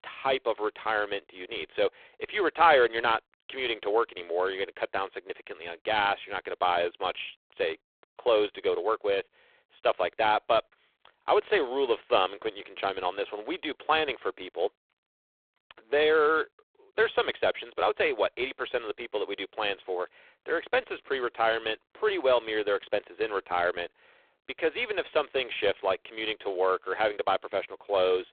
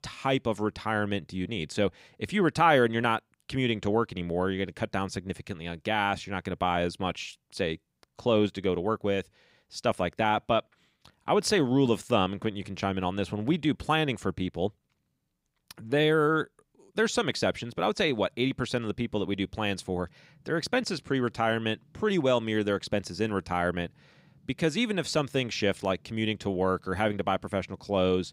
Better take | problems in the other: second | phone-call audio; poor line

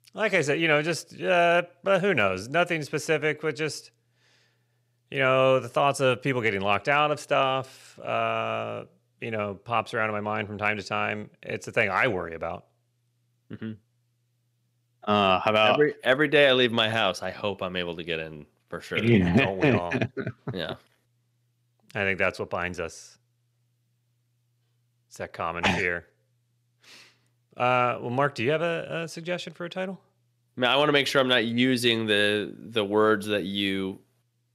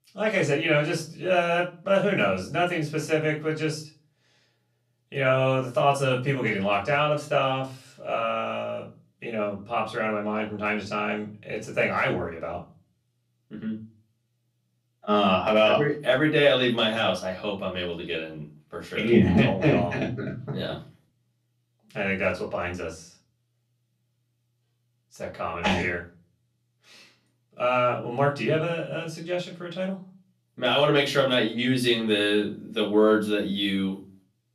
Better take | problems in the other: first | off-mic speech; far // room echo; slight; dies away in 0.3 s

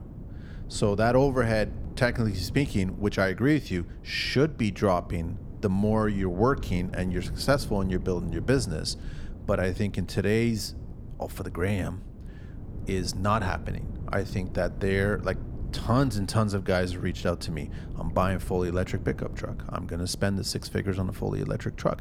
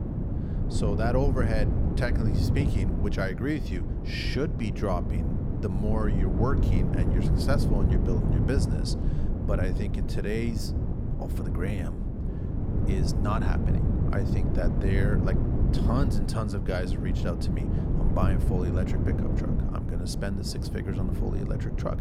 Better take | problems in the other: first | wind noise on the microphone; heavy; 3 dB below the speech; occasional gusts in the first

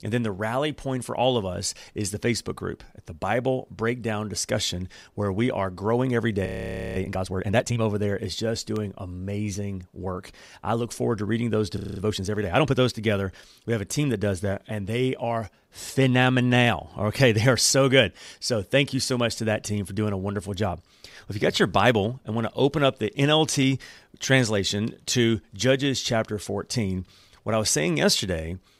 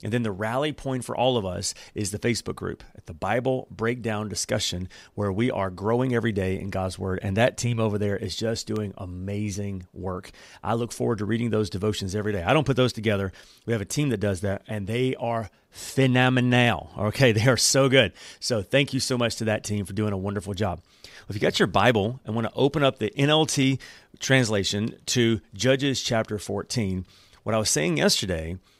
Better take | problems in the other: second | audio freezing; at 6.5 s for 0.5 s and at 12 s

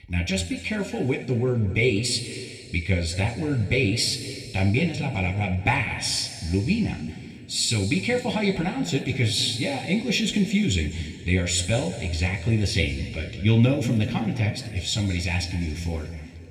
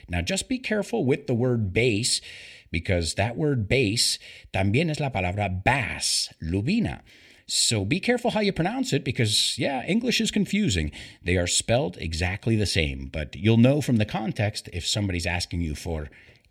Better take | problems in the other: second | room echo; slight; dies away in 2.1 s

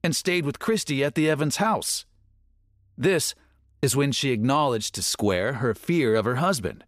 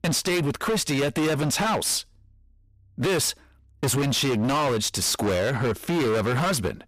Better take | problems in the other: first | distortion; heavy; 29% of the sound clipped

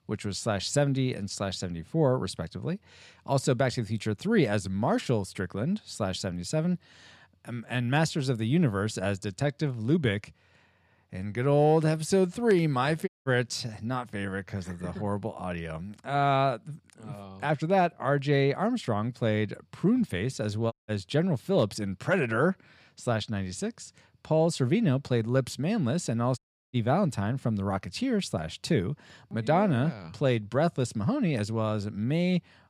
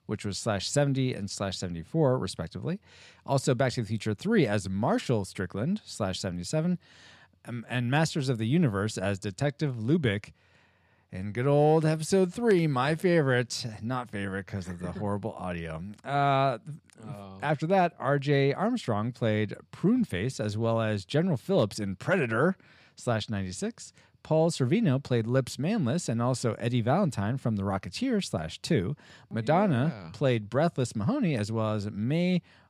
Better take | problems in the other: second | audio cutting out; at 13 s, at 21 s and at 26 s

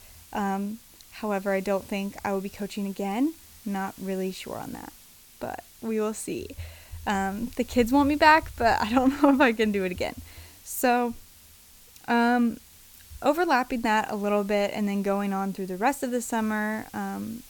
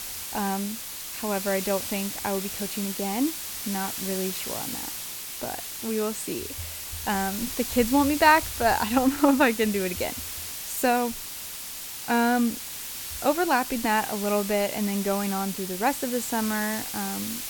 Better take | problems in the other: first | hiss; loud; throughout; 6 dB below the speech; faint in the first

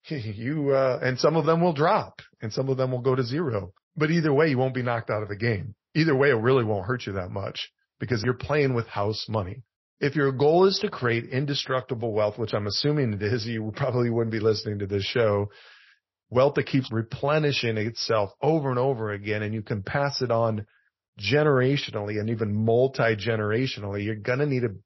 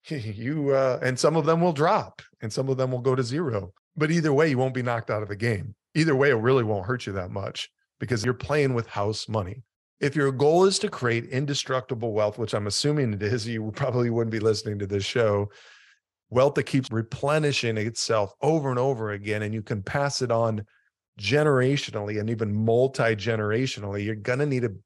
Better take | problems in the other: second | garbled, watery; slightly; nothing above 5.5 kHz

